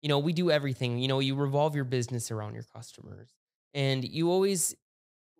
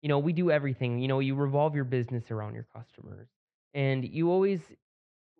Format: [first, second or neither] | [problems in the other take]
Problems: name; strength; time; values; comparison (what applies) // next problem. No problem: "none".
first | muffled; very; fading above 2.5 kHz